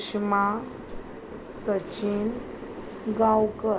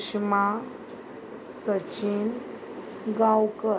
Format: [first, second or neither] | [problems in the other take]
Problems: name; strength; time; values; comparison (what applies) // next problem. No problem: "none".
second | background sound (Walk, footsteps); 17 dB below the speech